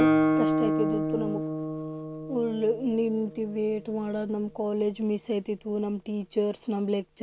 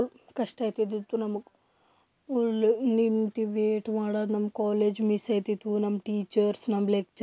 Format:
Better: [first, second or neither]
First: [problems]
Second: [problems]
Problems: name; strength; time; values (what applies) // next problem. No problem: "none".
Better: second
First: background sound (Guitar); 1 dB below the speech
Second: none